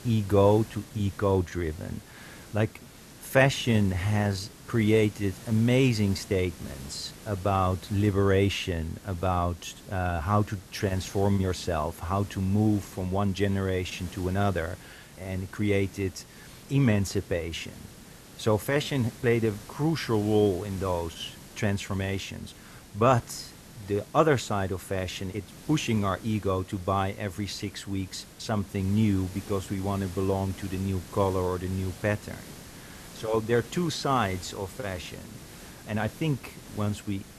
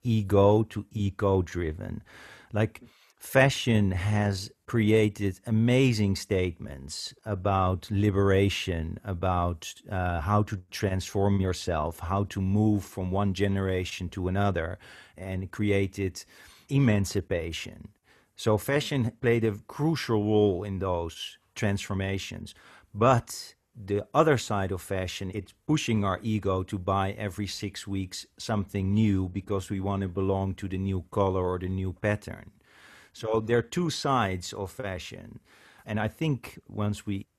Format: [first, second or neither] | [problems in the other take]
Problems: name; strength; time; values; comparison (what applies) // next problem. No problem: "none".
second | hiss; noticeable; throughout; 20 dB below the speech